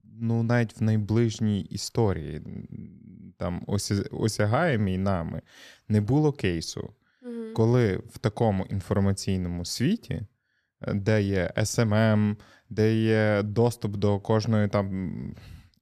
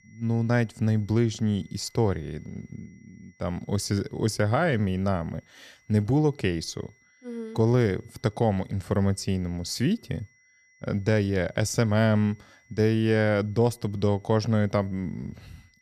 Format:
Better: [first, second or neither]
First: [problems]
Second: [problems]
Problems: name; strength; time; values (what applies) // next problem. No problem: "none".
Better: first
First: none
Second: high-pitched whine; faint; throughout; 2 kHz, 35 dB below the speech